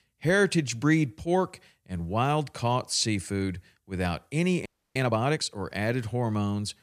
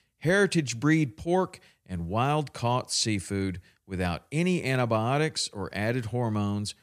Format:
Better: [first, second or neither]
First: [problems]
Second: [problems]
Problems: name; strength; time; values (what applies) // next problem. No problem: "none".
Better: second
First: audio freezing; at 4.5 s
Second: none